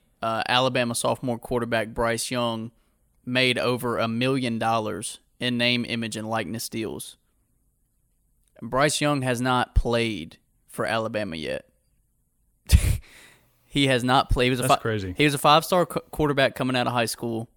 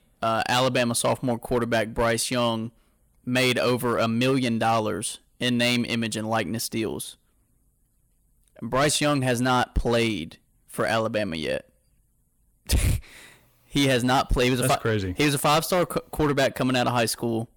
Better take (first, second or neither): first